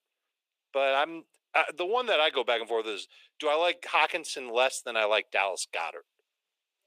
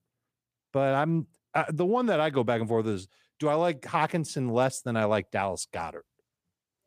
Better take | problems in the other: second | thin; very; fading below 400 Hz

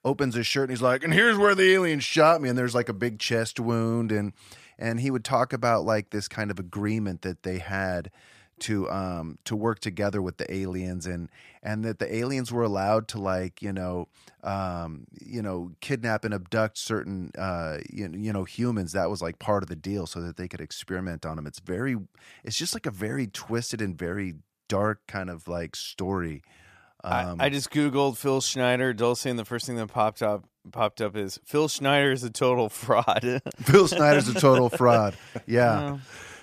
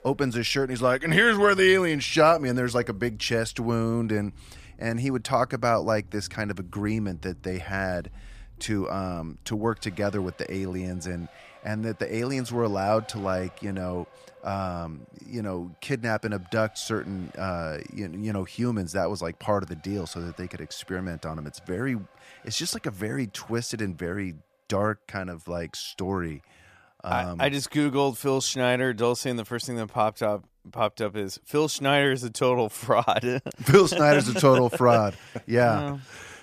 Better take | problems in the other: first | traffic noise; faint; throughout; 25 dB below the speech

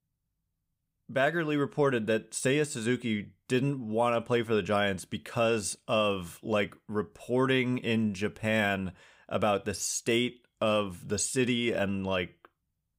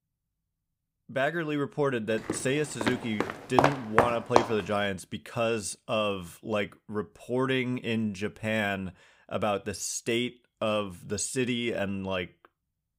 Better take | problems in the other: first | footsteps; loud; from 2.5 to 4.5 s; peak 5 dB above the speech

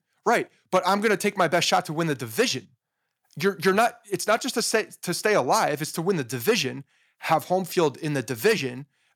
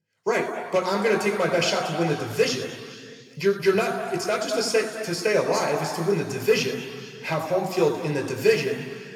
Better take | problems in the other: first | room echo; noticeable; dies away in 2.2 s // off-mic speech; somewhat distant

